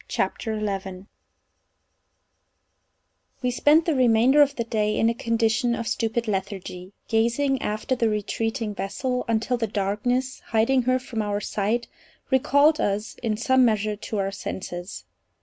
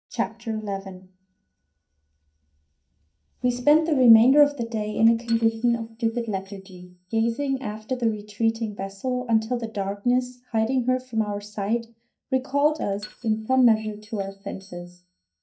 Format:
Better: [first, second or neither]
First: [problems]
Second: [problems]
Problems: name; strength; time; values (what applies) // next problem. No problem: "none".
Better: first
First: none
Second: noise reduction (neural mask model DeepFilterNet 3)